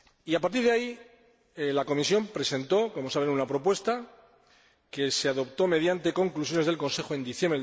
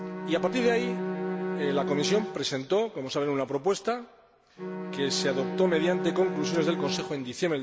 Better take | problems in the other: first | background sound (Bowed string instrument); 4 dB below the speech

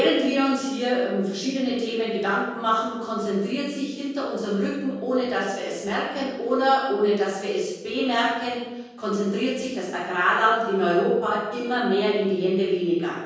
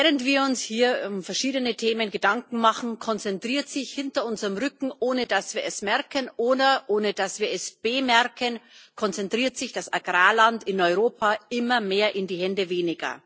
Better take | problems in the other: second | room echo; dies away in 1.3 s

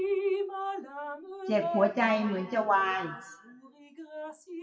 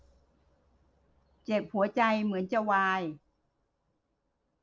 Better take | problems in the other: second | noise reduction (classical method WPE with log-MMSE)

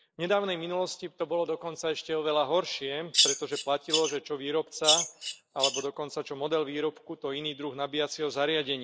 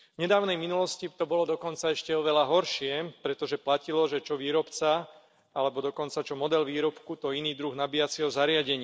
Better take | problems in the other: second | noise reduction (neural mask model Resemble Enhance denoiser)

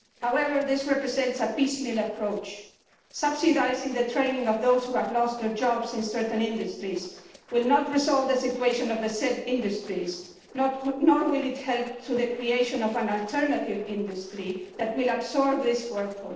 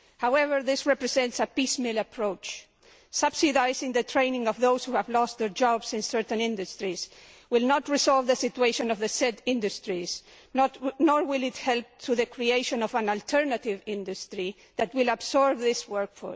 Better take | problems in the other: second | noise reduction (neural separator model SepFormer DNS4)

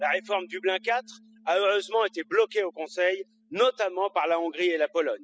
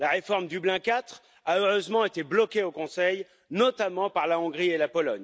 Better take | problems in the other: second | noise reduction (classical method spectral subtraction)

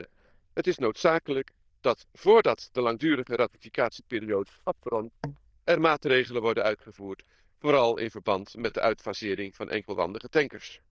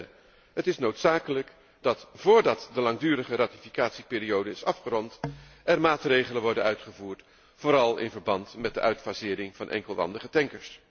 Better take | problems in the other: second | noise reduction (neural diffusion model UNIVERSE++)

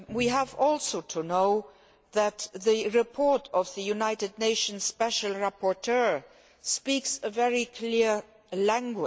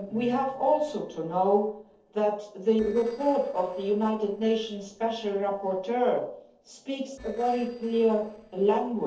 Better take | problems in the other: first | noise reduction (neural separator model SepFormer DNS4)

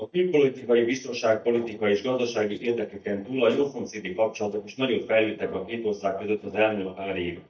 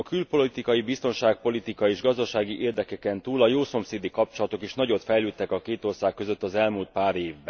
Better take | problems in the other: second | noise reduction (neural mask model DeepFilterNet 3)

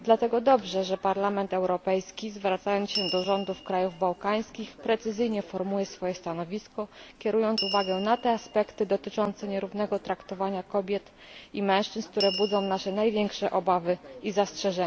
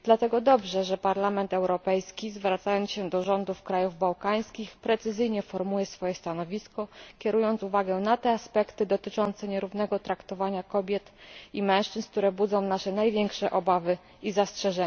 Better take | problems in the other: second | background sound (Door / Bell); 14 dB below the speech

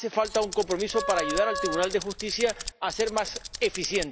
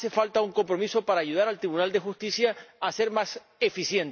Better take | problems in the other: second | background sound (Tools + Wind instrument, woodwind instrument); 7 dB below the speech

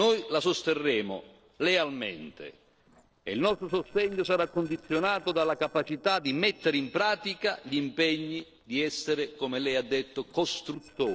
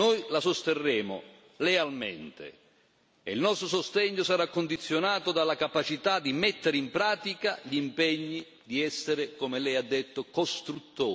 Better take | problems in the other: second | noise reduction (neural separator model SepFormer DNS4)

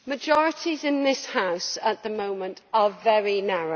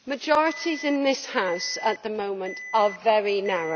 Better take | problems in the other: first | background sound (Alarm); 16 dB below the speech

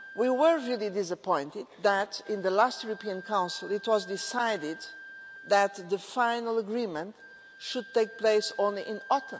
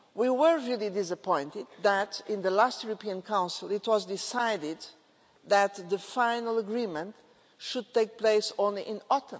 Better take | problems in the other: second | background sound (Wind instrument, woodwind instrument); 19 dB below the speech

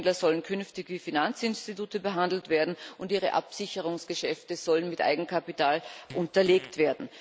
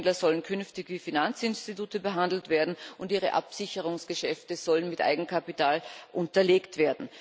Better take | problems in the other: second | background sound (Fart); 18 dB below the speech

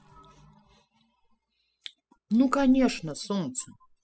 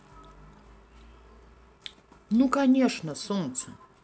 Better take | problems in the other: second | noise reduction (classical method spectral subtraction)

